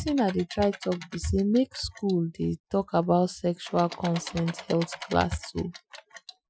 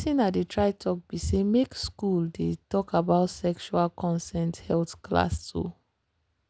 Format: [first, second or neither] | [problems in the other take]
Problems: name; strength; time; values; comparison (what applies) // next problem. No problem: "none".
second | noise reduction (classical method Wiener filter)